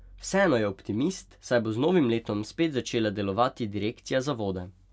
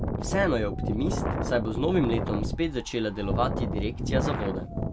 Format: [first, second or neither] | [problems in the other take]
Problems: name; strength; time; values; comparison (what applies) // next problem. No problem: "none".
first | background sound (Wind); 1 dB below the speech